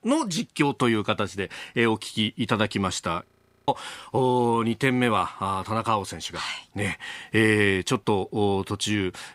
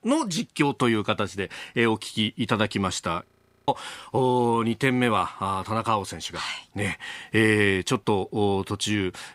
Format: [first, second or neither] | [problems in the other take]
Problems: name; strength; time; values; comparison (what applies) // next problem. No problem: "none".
neither | audio freezing; at 3.5 s; the same in both